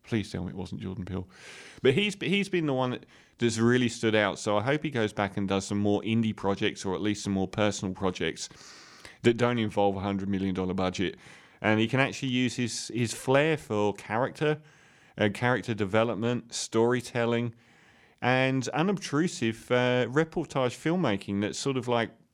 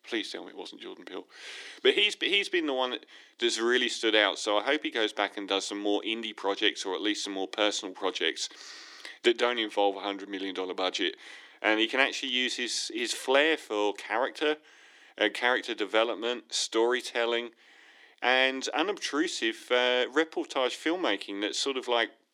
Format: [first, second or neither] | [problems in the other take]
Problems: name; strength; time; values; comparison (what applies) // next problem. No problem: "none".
first | thin; somewhat; fading below 300 Hz